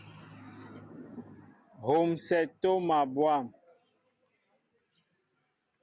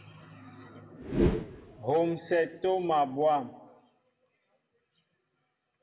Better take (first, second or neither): first